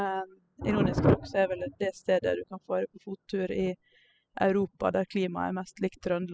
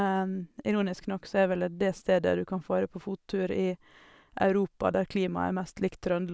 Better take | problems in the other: second | noise reduction (classical method spectral subtraction)

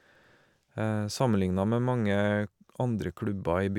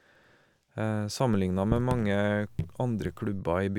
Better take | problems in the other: first | background sound (Raindrop / Drip); 9 dB below the speech

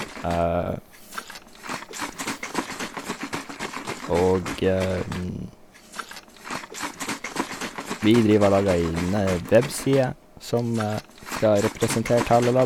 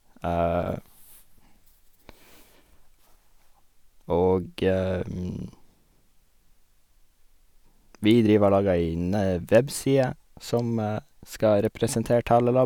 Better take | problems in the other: second | background sound (Liquid); 9 dB below the speech

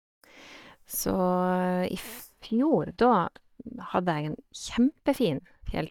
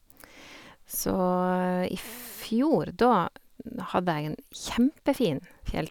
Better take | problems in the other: second | noise reduction (neural mask model DeepFilterNet 3)

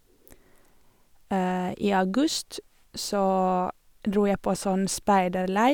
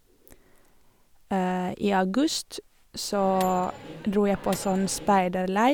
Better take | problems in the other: first | background sound (Microwave oven); 15 dB below the speech

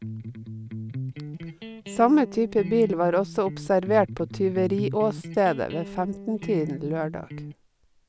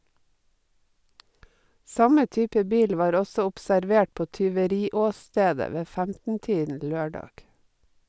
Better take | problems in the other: second | background sound (Electric guitar); 11 dB below the speech

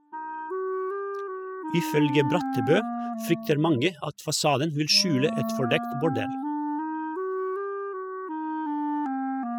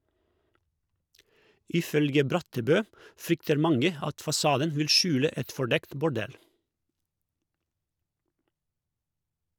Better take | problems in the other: second | noise reduction (classical method spectral subtraction)

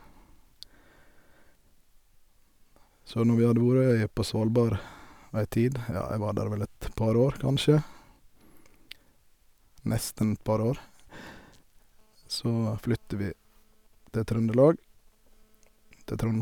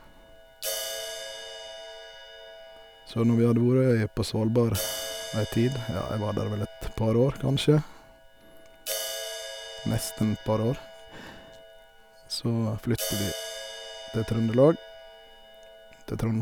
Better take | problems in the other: first | background sound (Crash cymbal); 12 dB below the speech

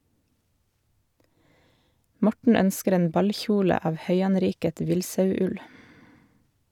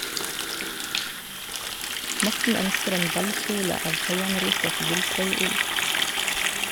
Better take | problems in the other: first | background sound (Water tap, faucet); 4 dB above the speech

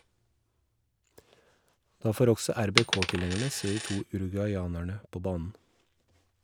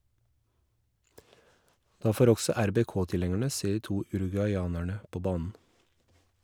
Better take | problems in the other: second | background sound (Coin (dropping)); 6 dB below the speech

